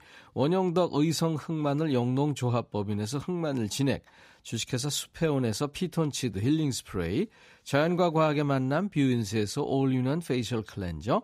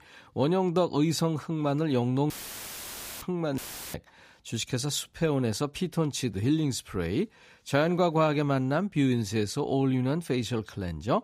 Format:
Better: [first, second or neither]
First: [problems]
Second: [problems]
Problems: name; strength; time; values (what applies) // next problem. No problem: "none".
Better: first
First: none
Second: audio cutting out; filled with static; at 2.5 s for 1 s and at 3.5 s